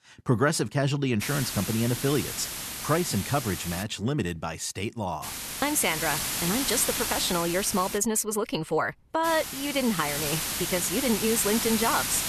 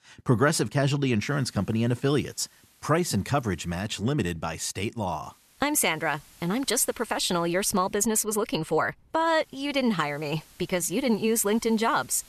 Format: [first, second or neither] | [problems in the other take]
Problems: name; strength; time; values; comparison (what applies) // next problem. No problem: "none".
second | hiss; loud; from 1 to 4 s, from 5 to 8 s and from 9 s on; 3 dB below the speech; faint in the second